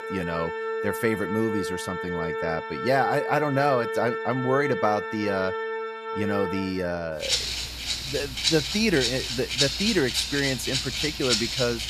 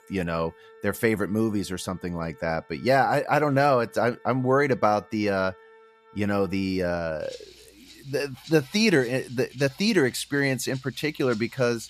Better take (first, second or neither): second